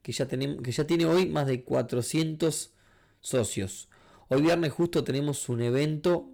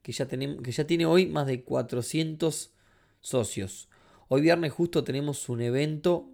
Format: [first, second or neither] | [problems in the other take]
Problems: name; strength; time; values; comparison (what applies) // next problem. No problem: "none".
second | distortion; slight; 6% of the sound clipped